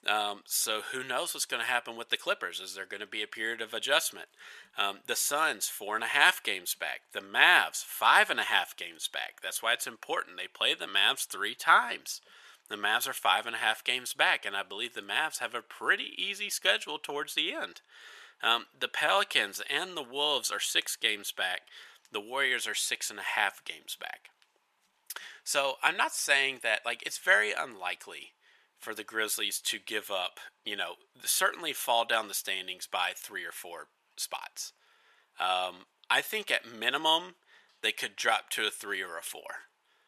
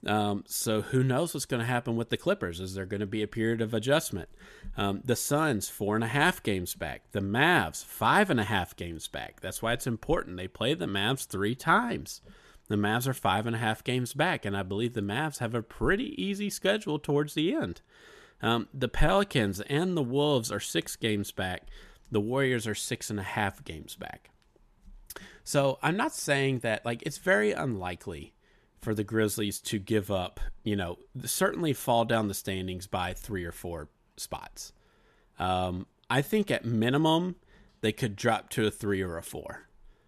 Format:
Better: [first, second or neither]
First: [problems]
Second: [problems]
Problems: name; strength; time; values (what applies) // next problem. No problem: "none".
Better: second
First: thin; very; fading below 850 Hz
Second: none